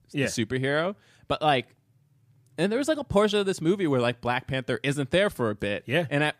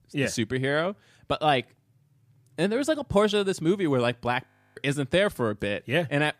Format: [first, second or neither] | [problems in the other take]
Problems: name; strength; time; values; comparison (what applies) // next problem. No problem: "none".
first | audio freezing; at 4.5 s